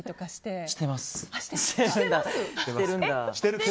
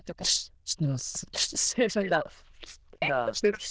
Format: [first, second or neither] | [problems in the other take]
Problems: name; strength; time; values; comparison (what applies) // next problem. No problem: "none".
first | noise reduction (neural diffusion model UNIVERSE++)